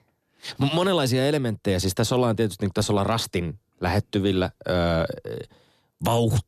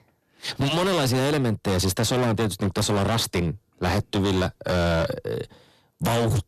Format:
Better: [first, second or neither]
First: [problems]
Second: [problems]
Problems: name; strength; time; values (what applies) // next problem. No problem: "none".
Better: first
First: none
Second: distortion; heavy; 26% of the sound clipped